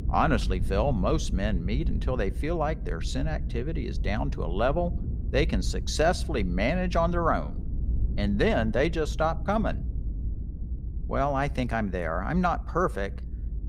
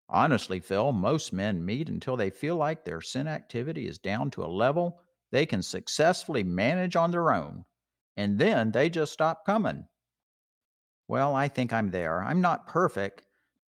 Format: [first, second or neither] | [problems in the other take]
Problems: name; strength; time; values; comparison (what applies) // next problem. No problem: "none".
second | low rumble; noticeable; throughout; 20 dB below the speech